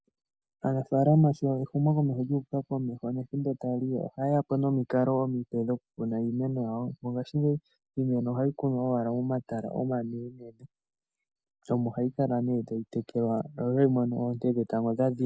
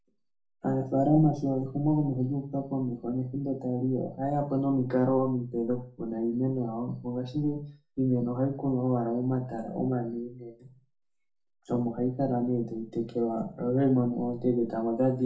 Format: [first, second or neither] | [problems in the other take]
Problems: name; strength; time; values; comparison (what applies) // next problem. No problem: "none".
first | room echo; dies away in 0.3 s